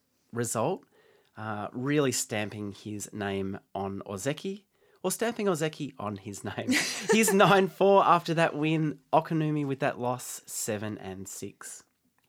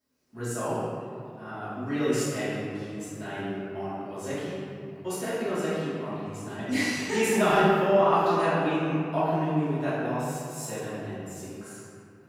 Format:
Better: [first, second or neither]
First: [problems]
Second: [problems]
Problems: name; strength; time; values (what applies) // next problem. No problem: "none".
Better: first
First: none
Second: off-mic speech; far // room echo; strong; dies away in 2.3 s